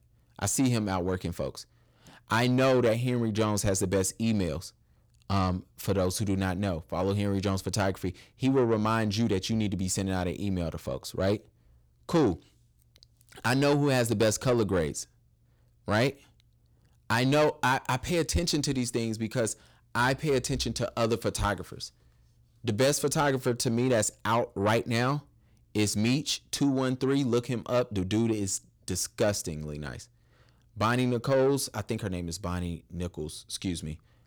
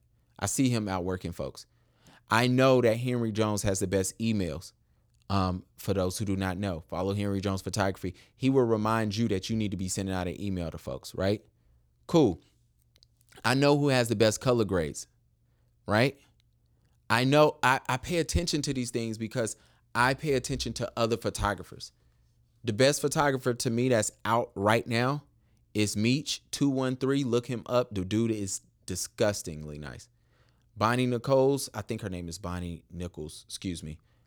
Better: second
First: distortion; slight; 10 dB below the speech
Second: none

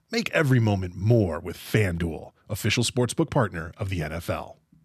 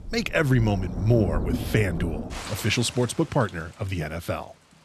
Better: first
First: none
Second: rain or running water; loud; throughout; 8 dB below the speech

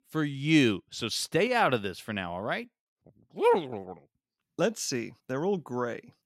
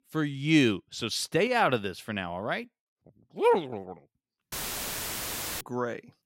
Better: first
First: none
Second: audio cutting out; filled with static; at 4.5 s for 1 s

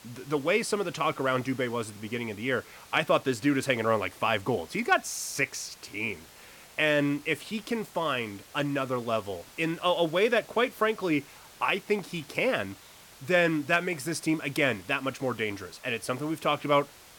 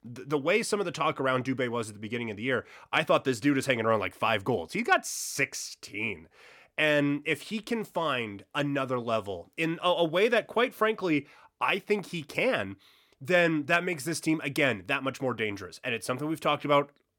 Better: second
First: hiss; faint; throughout; 20 dB below the speech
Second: none

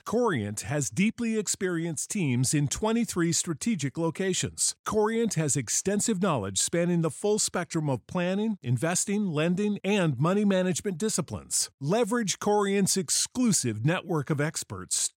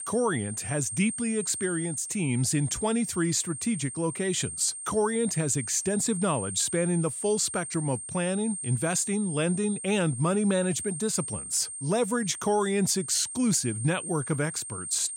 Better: first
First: none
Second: high-pitched whine; loud; throughout; 8.5 kHz, 7 dB below the speech

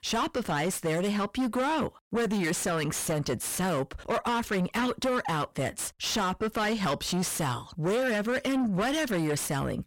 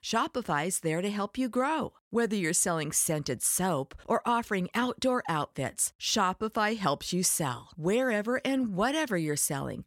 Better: second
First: distortion; heavy; 5 dB below the speech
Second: none

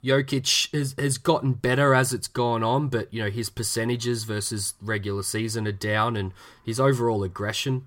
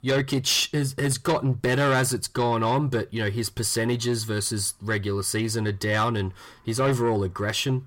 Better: first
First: none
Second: distortion; slight; 10 dB below the speech

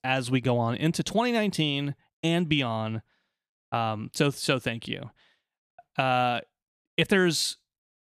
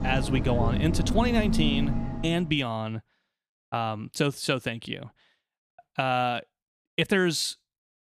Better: first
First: none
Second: traffic noise; loud; until 2 s; 1 dB below the speech

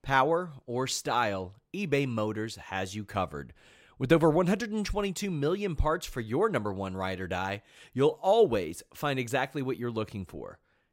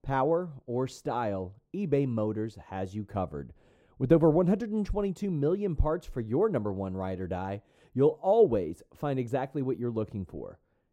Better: first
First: none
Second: muffled; slightly; fading above 1 kHz

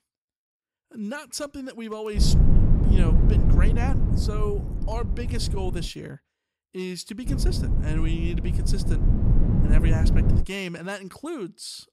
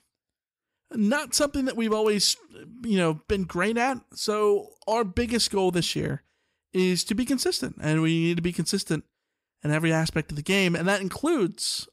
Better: second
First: low rumble; loud; from 2 to 6 s and from 7.5 to 10 s; 1 dB below the speech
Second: none

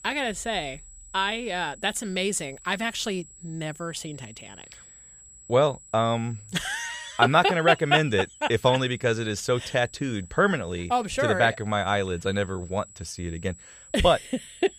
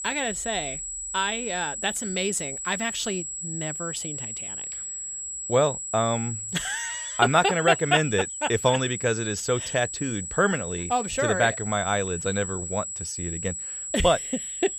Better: first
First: high-pitched whine; faint; throughout; 7.5 kHz, 20 dB below the speech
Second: high-pitched whine; loud; throughout; 7.5 kHz, 5 dB below the speech

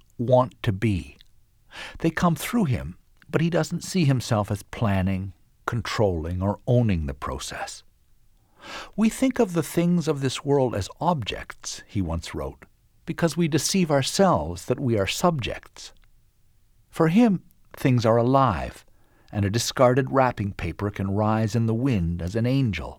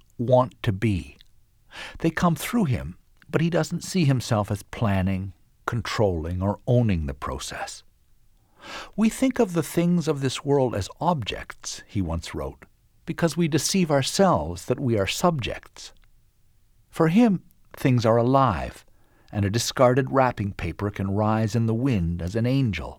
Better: neither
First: none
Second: none

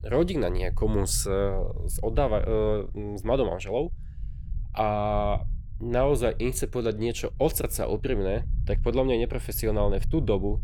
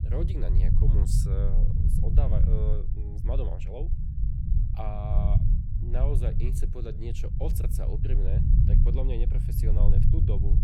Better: first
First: low rumble; faint; throughout; 25 dB below the speech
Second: low rumble; loud; throughout; 2 dB below the speech

